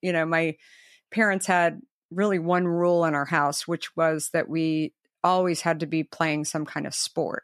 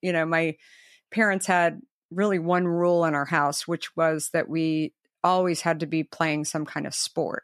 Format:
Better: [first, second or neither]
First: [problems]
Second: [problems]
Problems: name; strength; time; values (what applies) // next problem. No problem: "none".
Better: neither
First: none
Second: none